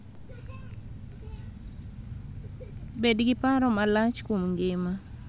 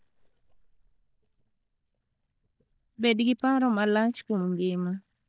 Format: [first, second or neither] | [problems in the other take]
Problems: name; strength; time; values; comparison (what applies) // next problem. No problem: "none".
first | noise reduction (neural mask model DeepFilterNet 3)